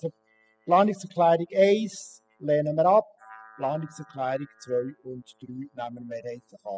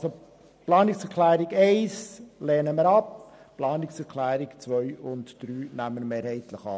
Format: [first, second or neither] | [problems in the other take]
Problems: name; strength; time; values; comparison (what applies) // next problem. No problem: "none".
second | noise reduction (classical method spectral subtraction)